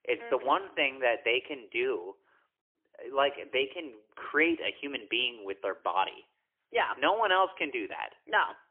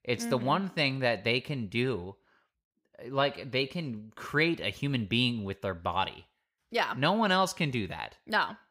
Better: second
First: phone-call audio; poor line; nothing above 3 kHz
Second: none

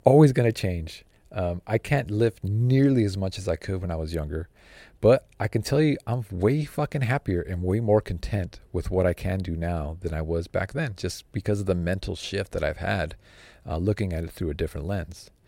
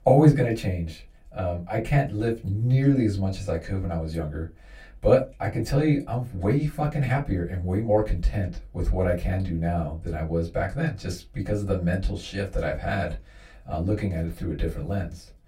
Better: first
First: none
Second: off-mic speech; far // room echo; very slight; dies away in 0.2 s

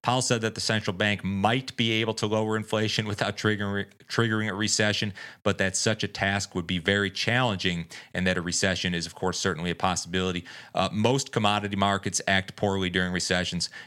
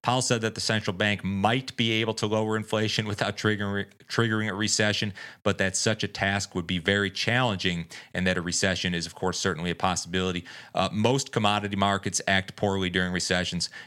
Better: neither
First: none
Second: none

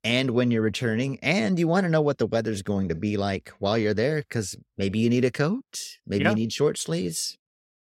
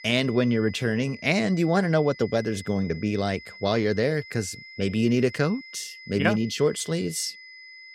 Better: first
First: none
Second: high-pitched whine; noticeable; throughout; 2 kHz, 20 dB below the speech

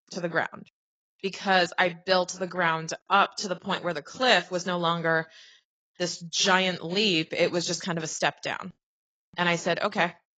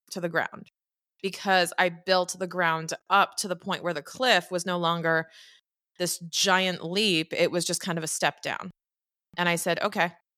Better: second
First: garbled, watery; badly; nothing above 7.5 kHz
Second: none

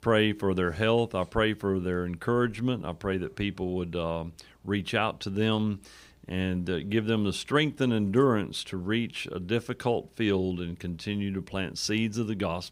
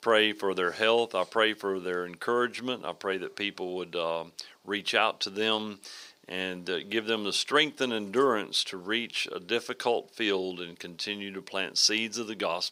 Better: first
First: none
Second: thin; somewhat; fading below 450 Hz

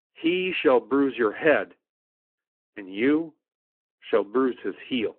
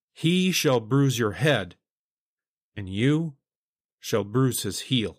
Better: second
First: phone-call audio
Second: none

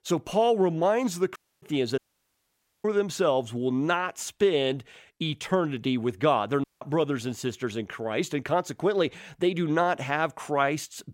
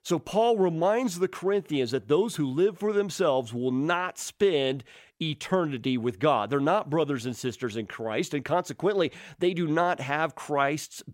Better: second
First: audio cutting out; at 1.5 s, at 2 s for 1 s and at 6.5 s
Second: none

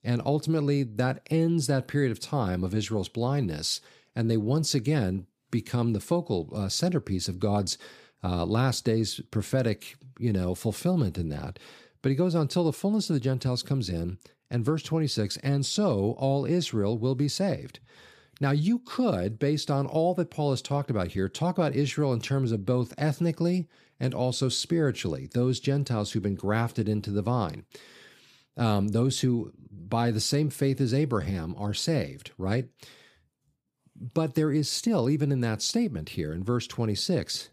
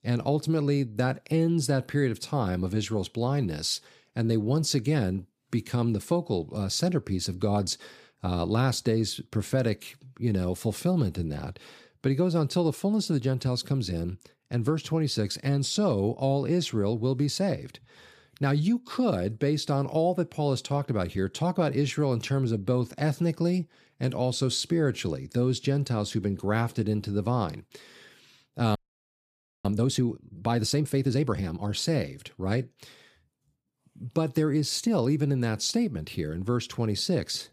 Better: first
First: none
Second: audio freezing; at 29 s for 1 s

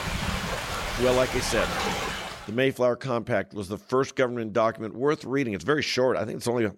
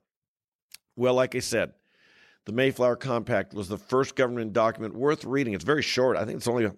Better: second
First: rain or running water; loud; until 2 s; 3 dB below the speech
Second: none

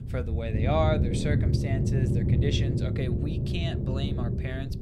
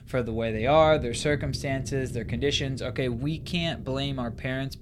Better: second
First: low rumble; loud; throughout; 4 dB below the speech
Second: low rumble; faint; throughout; 20 dB below the speech

